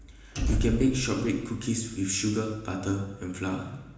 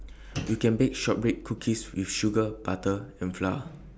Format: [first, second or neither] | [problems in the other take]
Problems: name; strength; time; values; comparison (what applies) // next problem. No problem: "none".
second | background sound (Boom); 4 dB below the speech // room echo; dies away in 1 s